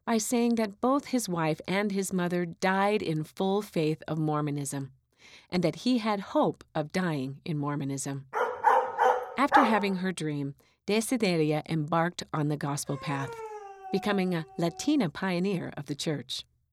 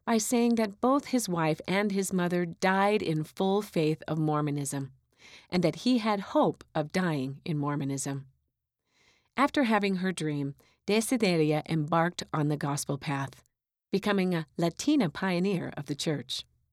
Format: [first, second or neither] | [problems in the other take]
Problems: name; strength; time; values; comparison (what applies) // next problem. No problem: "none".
second | dog barking; loud; from 8.5 to 10 s; peak 6 dB above the speech // dog barking; faint; from 13 to 15 s; peak 10 dB below the speech